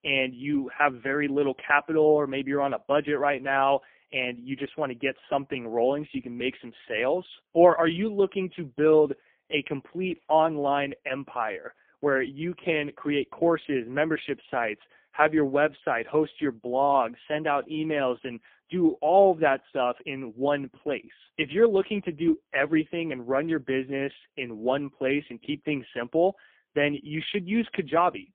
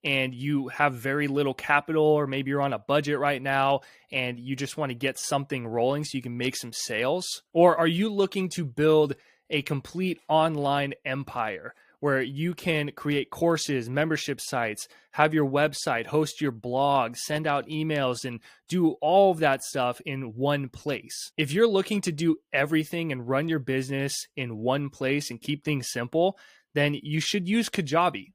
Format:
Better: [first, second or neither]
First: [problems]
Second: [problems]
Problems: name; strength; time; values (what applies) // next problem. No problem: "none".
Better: second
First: phone-call audio; poor line; nothing above 3.5 kHz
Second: none